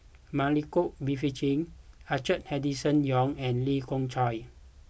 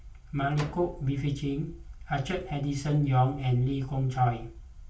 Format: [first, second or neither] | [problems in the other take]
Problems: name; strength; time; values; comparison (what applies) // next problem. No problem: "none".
first | background sound (Slam); 18 dB below the speech // room echo; dies away in 0.3 s